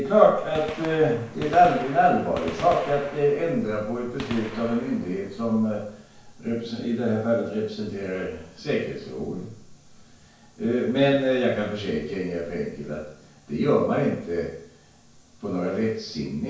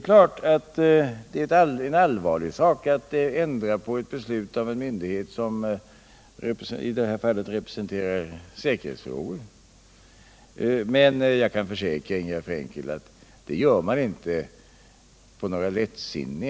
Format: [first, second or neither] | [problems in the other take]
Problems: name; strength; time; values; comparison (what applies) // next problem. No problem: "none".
second | background sound (Gunshot, gunfire); 18 dB below the speech // room echo; dies away in 0.5 s